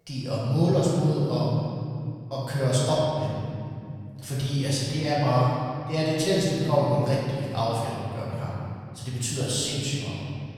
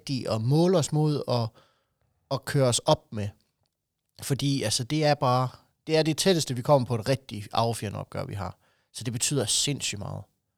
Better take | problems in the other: second | room echo; strong; dies away in 2.7 s // off-mic speech; far

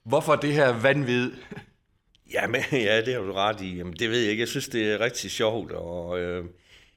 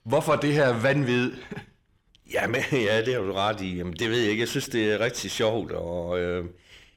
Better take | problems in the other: first | distortion; slight; 10 dB below the speech

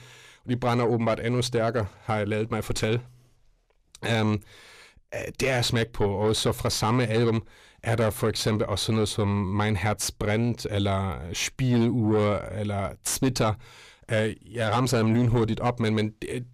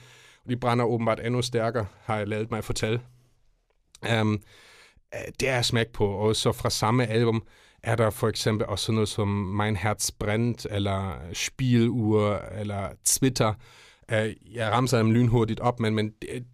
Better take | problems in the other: second | distortion; slight; 10 dB below the speech

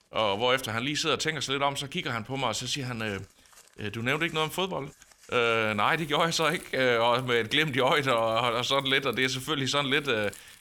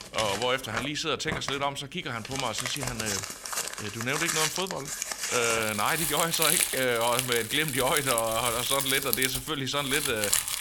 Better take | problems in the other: first | household noises; loud; throughout; 1 dB below the speech; faint in the first

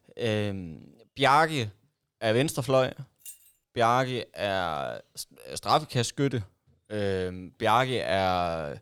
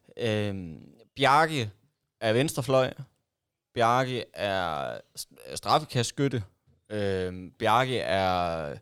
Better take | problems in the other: second | jangling keys; faint; at 3.5 s; peak 20 dB below the speech

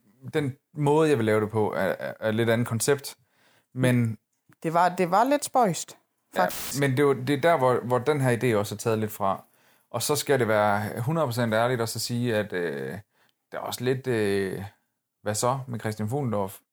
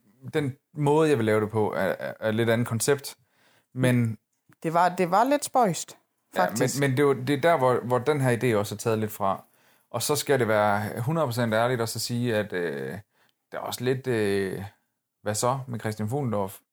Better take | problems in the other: second | audio cutting out; filled with static; at 6.5 s

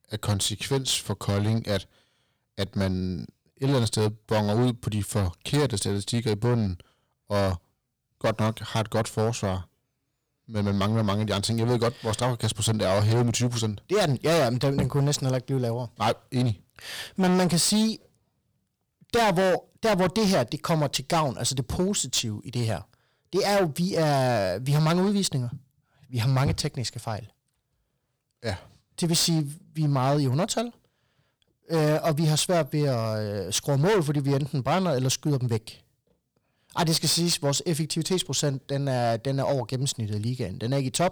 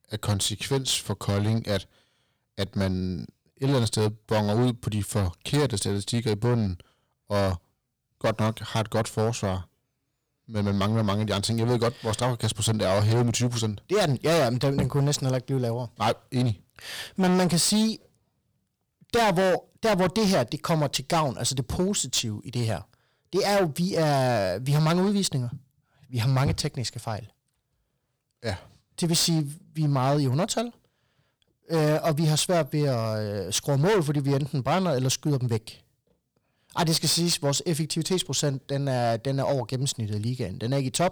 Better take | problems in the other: neither | distortion; heavy; 10% of the sound clipped; the same in both

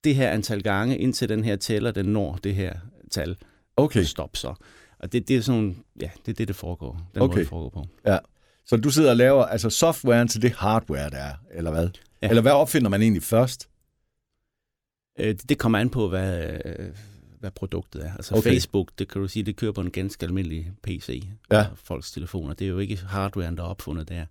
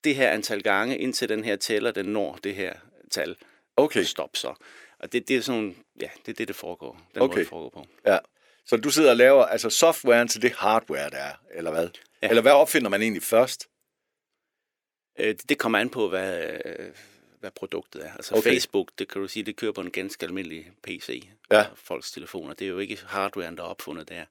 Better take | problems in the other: first | thin; somewhat; fading below 400 Hz

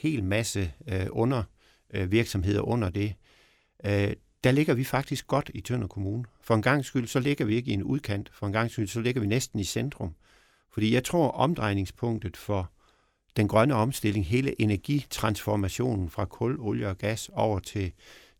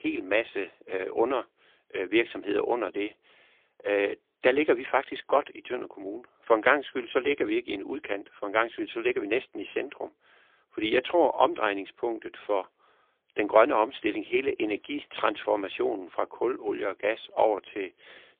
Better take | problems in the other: first | phone-call audio; poor line; nothing above 3.5 kHz

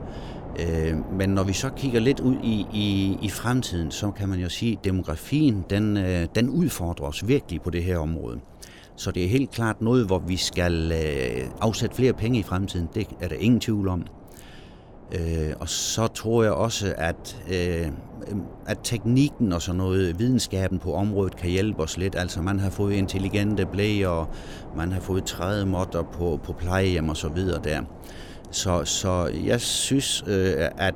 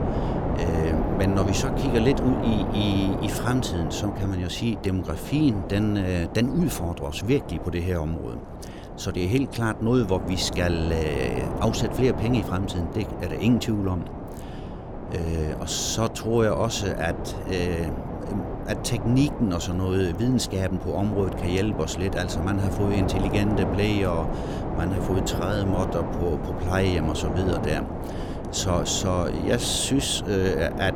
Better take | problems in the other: first | wind noise on the microphone; heavy; 5 dB below the speech; occasional gusts in the first

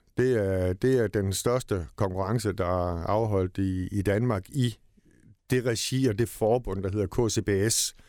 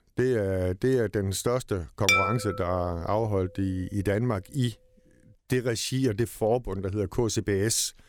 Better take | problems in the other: first | clattering dishes; loud; at 2 s; peak 6 dB above the speech

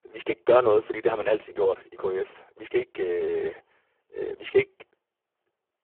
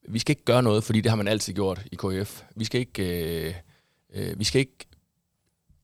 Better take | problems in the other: second | phone-call audio; poor line

